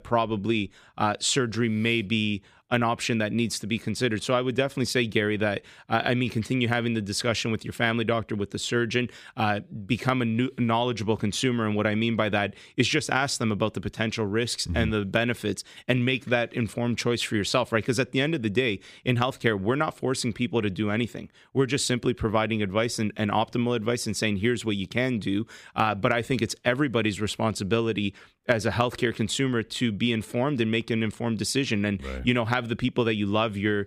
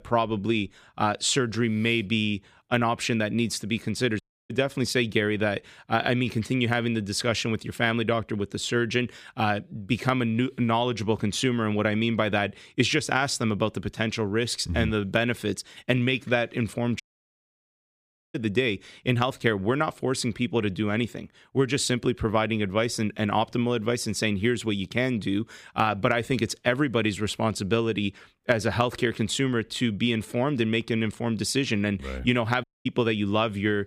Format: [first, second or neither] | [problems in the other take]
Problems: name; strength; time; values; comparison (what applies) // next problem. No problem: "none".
first | audio cutting out; at 4 s, at 17 s for 1.5 s and at 33 s